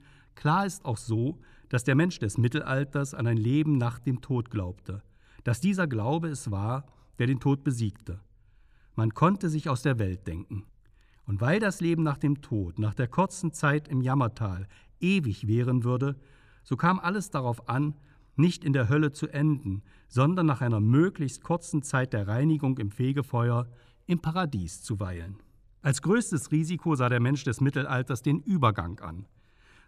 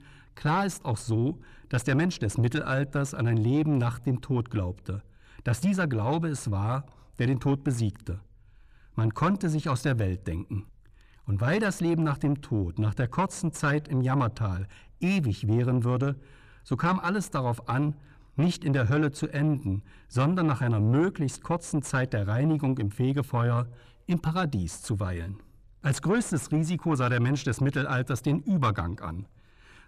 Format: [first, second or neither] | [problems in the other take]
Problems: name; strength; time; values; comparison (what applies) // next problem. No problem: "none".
first | distortion; slight; 9 dB below the speech